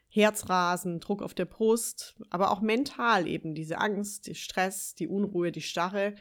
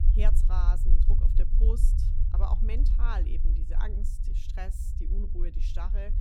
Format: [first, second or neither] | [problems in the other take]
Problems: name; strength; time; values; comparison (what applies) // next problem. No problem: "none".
first | low rumble; loud; throughout; 6 dB below the speech